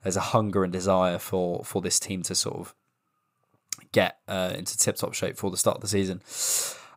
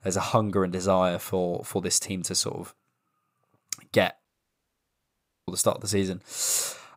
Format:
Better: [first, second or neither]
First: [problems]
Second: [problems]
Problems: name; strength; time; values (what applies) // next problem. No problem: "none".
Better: first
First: none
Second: audio cutting out; at 4.5 s for 1 s